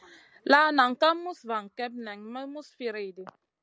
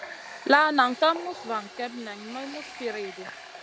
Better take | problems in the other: first | background sound (Water tap, faucet); 15 dB below the speech

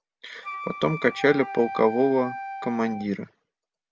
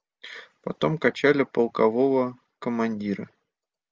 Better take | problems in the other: second | background sound (Wind instrument, woodwind instrument); 10 dB below the speech

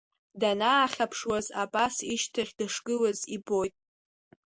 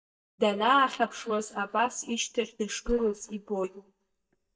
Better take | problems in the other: first | noise reduction (neural mask model DeepFilterNet 3)

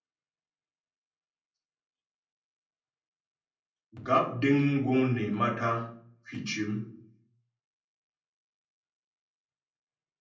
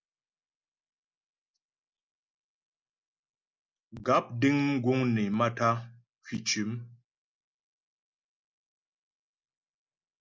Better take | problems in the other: second | room echo; dies away in 0.6 s

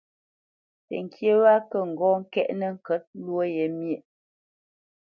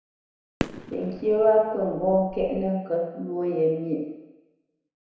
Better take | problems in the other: first | background sound (Fireworks); 11 dB below the speech // room echo; dies away in 1 s

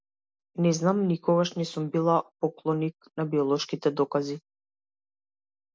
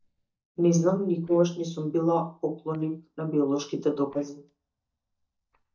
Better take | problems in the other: first | noise reduction (neural mask model DeepFilterNet 3)

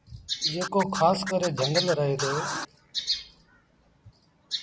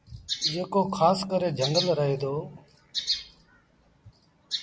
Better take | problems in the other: second | background sound (Scratching (performance technique)); 7 dB below the speech

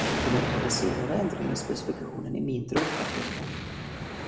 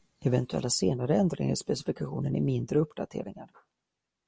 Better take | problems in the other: second | background sound (Explosion); 1 dB below the speech // room echo; dies away in 0.9 s

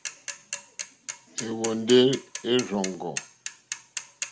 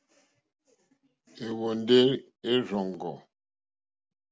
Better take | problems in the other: second | background sound (Mechanisms / Bicycle); 10 dB below the speech

